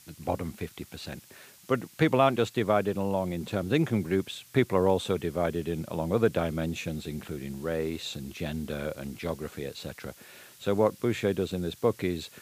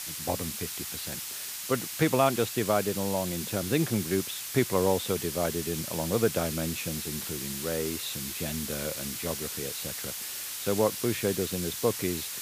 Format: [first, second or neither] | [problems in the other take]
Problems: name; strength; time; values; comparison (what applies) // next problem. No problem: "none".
first | hiss; loud; throughout; 4 dB below the speech; faint in the first